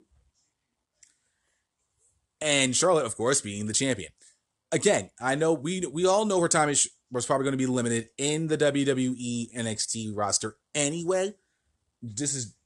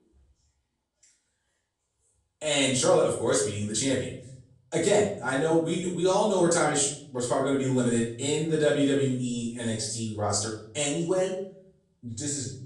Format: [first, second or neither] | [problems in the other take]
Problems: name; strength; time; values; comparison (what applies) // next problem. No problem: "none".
first | off-mic speech; far // room echo; noticeable; dies away in 0.6 s